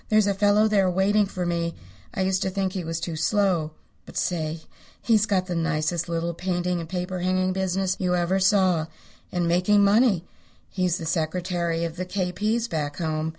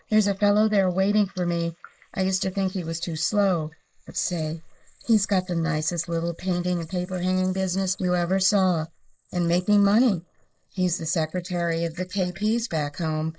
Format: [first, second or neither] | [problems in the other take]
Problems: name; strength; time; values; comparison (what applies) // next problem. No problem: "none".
first | noise reduction (neural mask model Resemble Enhance denoiser)